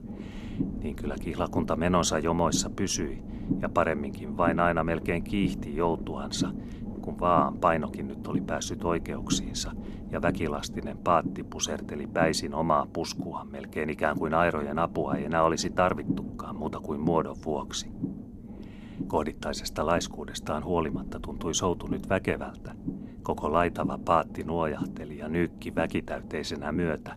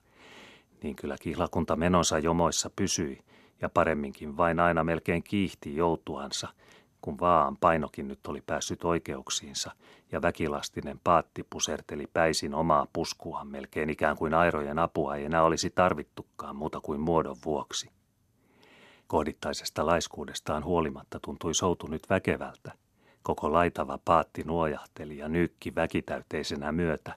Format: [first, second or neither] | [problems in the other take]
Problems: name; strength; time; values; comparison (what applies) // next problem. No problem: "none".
second | low rumble; noticeable; throughout; 15 dB below the speech